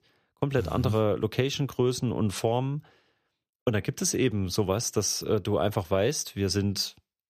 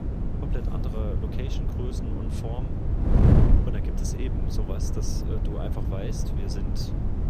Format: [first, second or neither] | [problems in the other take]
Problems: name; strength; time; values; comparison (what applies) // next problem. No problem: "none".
first | wind noise on the microphone; heavy; 3 dB above the speech